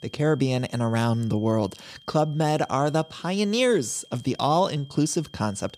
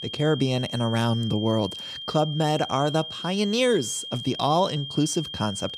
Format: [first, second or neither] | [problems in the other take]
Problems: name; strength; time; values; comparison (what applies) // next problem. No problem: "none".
first | high-pitched whine; loud; throughout; 3 kHz, 9 dB below the speech; faint in the first